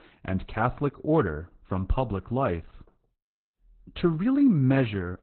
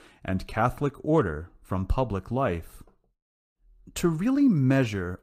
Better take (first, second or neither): second